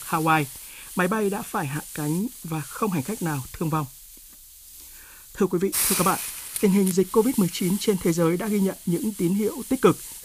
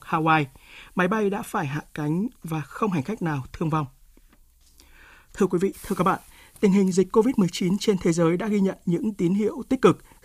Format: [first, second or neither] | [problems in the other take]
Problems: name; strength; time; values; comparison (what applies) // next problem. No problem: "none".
second | hiss; loud; throughout; 8 dB below the speech; faint in the second